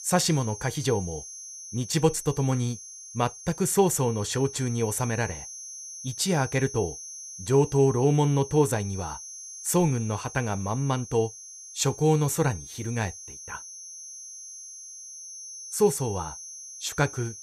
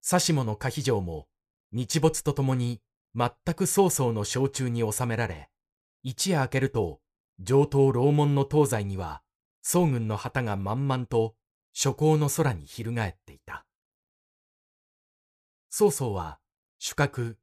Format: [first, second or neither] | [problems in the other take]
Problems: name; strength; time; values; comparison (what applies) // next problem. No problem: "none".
second | high-pitched whine; noticeable; throughout; 6 kHz, 15 dB below the speech